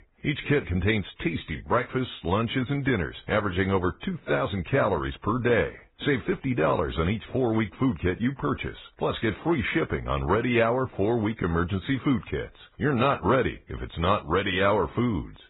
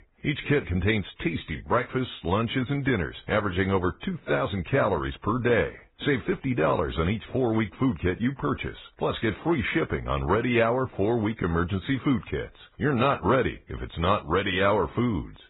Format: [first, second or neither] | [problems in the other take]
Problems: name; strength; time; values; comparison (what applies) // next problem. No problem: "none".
neither | garbled, watery; badly; nothing above 4 kHz; the same in both